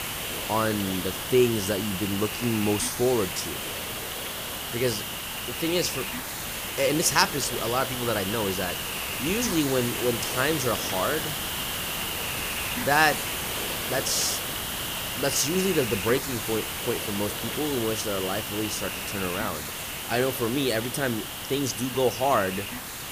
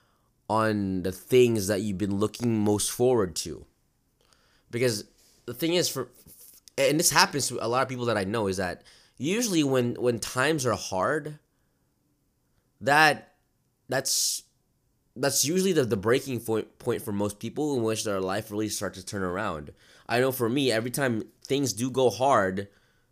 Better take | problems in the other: second | hiss; loud; throughout; 3 dB below the speech

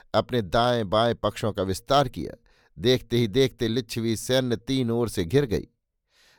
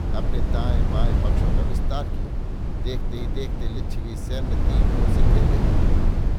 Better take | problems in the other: first | wind noise on the microphone; heavy; 3 dB above the speech

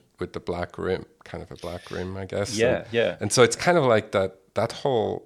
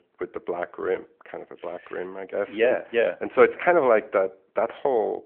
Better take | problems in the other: first | phone-call audio

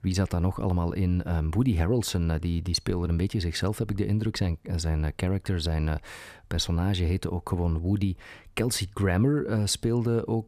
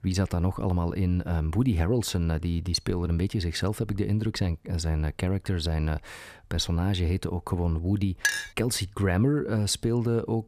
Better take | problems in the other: first | clattering dishes; loud; at 8 s; peak 1 dB above the speech

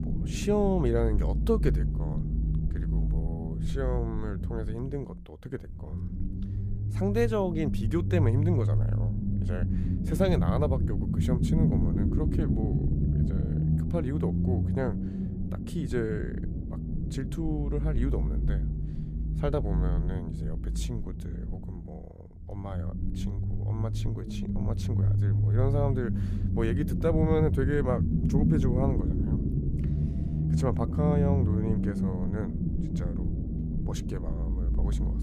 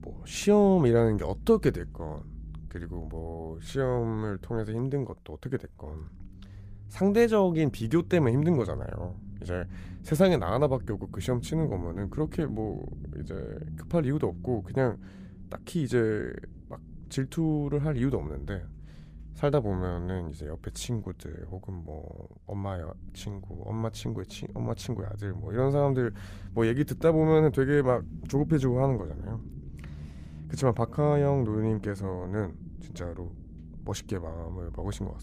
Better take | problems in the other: second | low rumble; loud; throughout; 5 dB below the speech; faint in the second

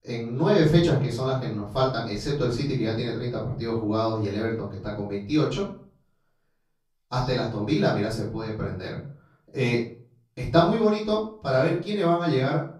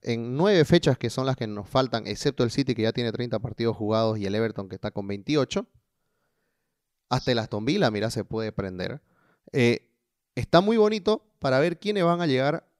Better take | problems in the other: second | off-mic speech; far // room echo; noticeable; dies away in 0.4 s

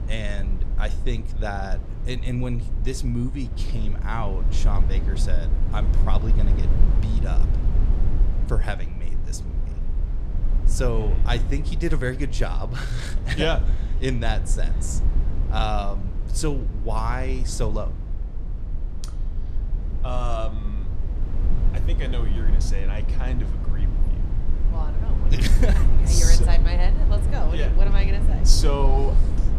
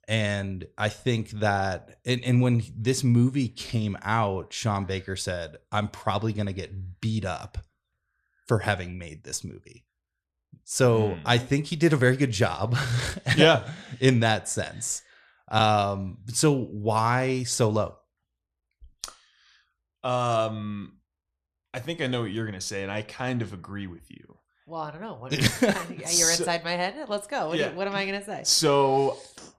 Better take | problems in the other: second | low rumble; loud; throughout; 10 dB below the speech

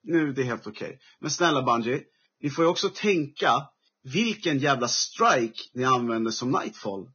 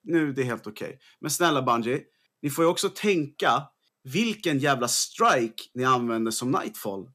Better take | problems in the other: second | garbled, watery; badly; nothing above 6.5 kHz

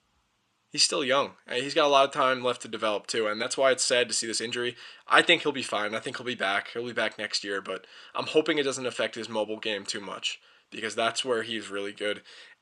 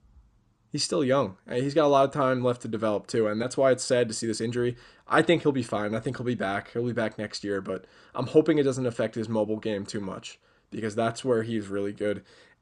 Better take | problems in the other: second | thin; somewhat; fading below 1 kHz

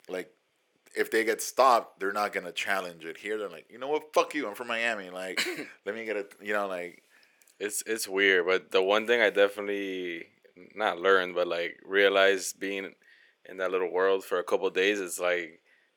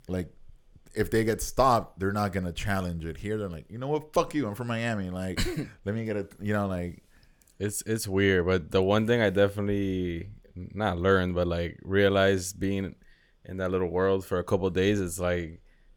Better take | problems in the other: second | thin; somewhat; fading below 350 Hz

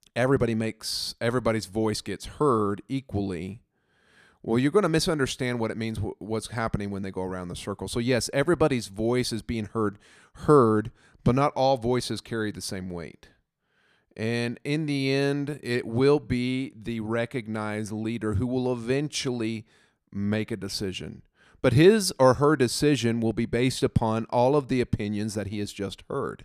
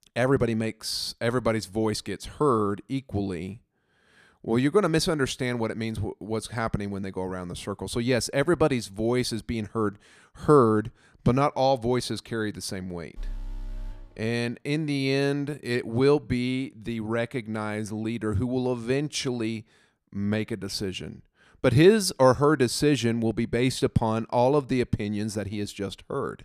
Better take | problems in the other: first | alarm; faint; at 13 s; peak 15 dB below the speech

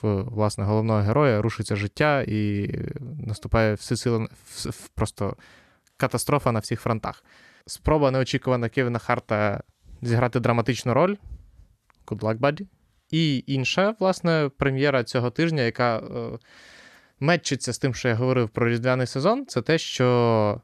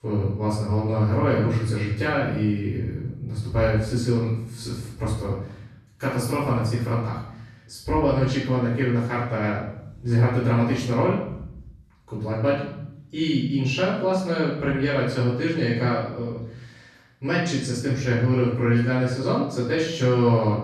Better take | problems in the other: first | off-mic speech; far // room echo; noticeable; dies away in 0.8 s

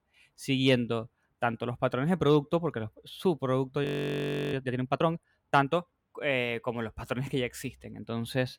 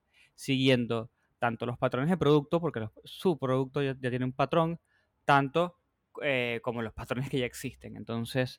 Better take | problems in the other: second | audio freezing; at 4 s for 0.5 s

